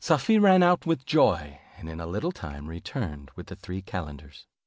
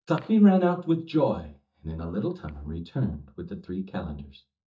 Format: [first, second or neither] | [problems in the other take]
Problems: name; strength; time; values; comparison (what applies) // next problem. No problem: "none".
first | noise reduction (neural mask model DeepFilterNet 3)